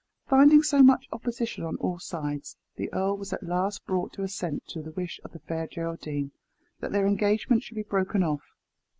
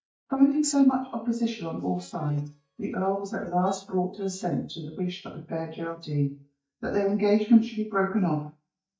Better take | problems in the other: first | noise reduction (neural mask model DeepFilterNet 3)

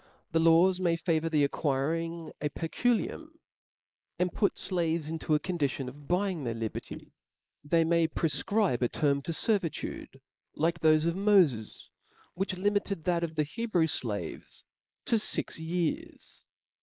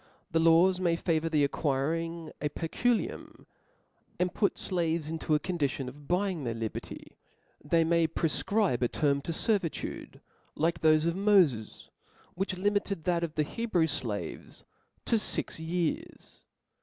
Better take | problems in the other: second | noise reduction (neural mask model Resemble Enhance denoiser)

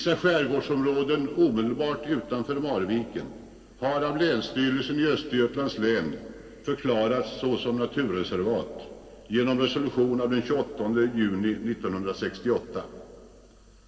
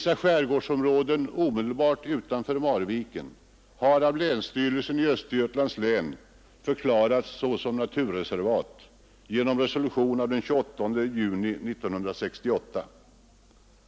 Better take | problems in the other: second | room echo; dies away in 1.8 s

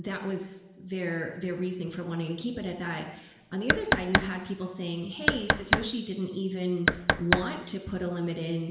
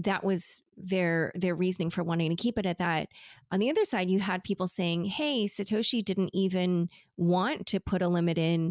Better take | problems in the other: second | background sound (Knock); 4 dB above the speech // room echo; dies away in 1.3 s

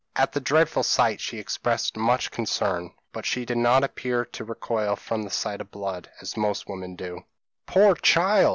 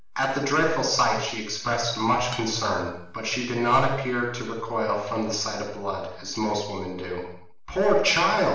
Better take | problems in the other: first | background sound (Acoustic guitar); 19 dB below the speech // room echo; dies away in 0.7 s

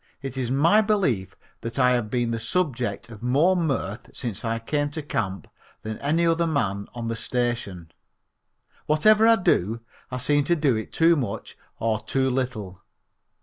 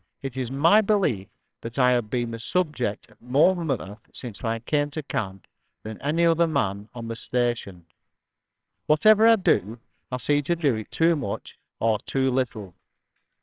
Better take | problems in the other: first | noise reduction (neural separator model SepFormer WHAMR!)

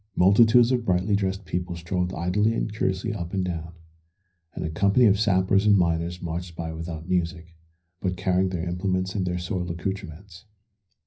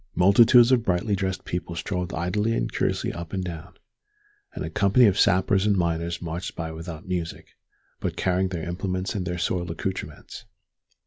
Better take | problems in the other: second | room echo; dies away in 0.4 s

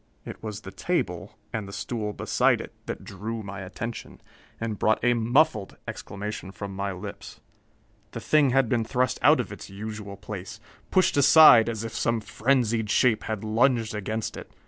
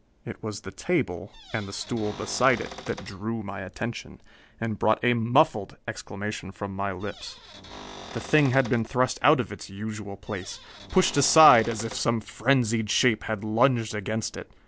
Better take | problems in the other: first | background sound (Cupboard open or close / Door); 15 dB below the speech

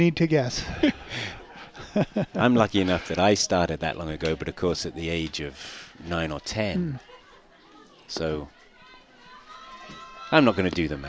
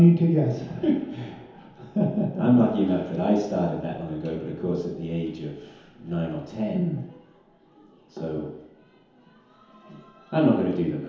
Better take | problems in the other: first | room echo; dies away in 1 s

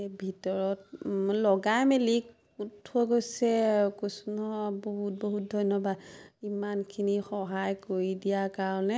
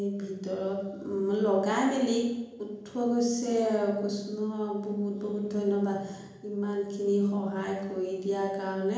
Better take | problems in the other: first | room echo; dies away in 1 s

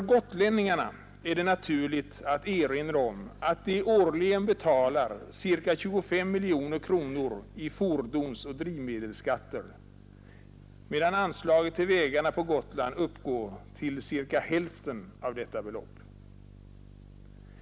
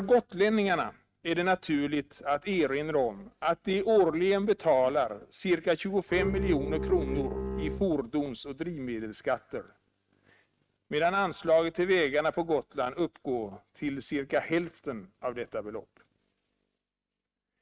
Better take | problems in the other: first | noise reduction (neural mask model RNNoise)

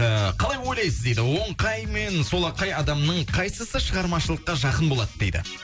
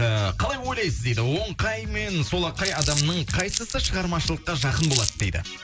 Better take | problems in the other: first | background sound (Crumpling, crinkling); 6 dB below the speech

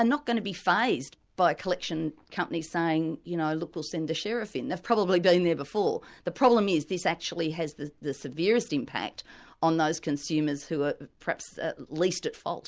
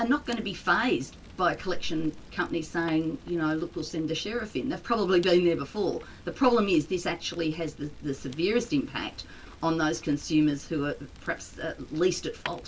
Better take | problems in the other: first | background sound (Fire); 19 dB below the speech // room echo; dies away in 0.1 s

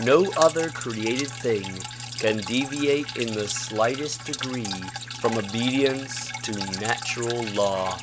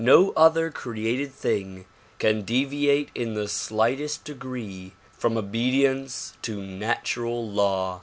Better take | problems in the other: second | background sound (Drip); 9 dB below the speech

